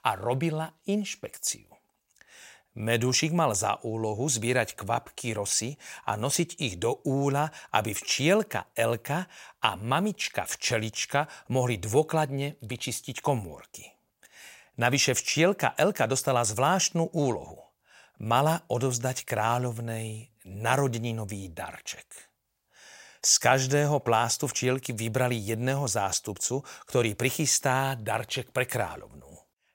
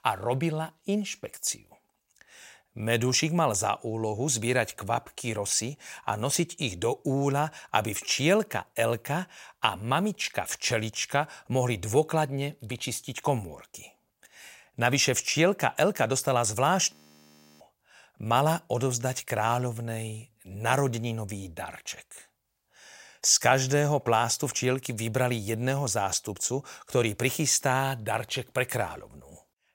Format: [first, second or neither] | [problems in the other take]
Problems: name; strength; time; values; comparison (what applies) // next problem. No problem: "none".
first | audio freezing; at 17 s for 0.5 s